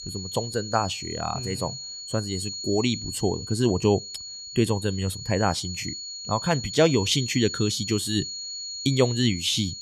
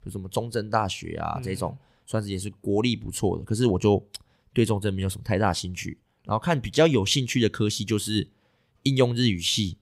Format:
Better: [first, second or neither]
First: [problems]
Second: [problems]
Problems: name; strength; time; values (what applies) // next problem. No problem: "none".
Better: second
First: high-pitched whine; loud; throughout; 4.5 kHz, 7 dB below the speech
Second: none